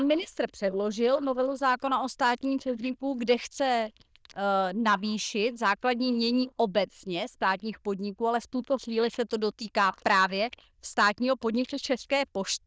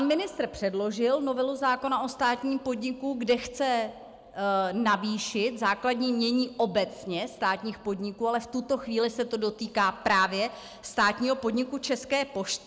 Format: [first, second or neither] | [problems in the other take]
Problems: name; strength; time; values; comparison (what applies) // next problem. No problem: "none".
second | noise reduction (neural diffusion model UNIVERSE++)